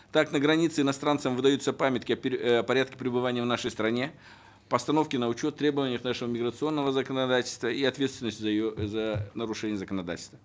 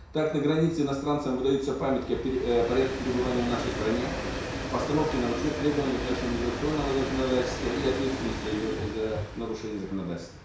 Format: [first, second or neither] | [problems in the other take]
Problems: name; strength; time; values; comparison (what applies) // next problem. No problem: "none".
first | background sound (Train); 6 dB below the speech // room echo; dies away in 0.6 s